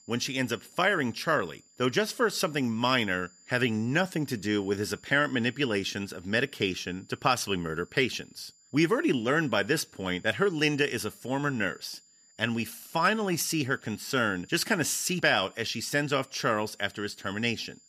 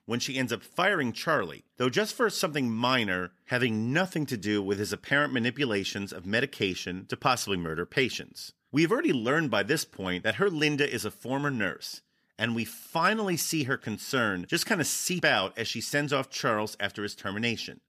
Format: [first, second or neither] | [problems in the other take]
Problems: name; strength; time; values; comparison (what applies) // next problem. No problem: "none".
second | high-pitched whine; faint; throughout; 7 kHz, 30 dB below the speech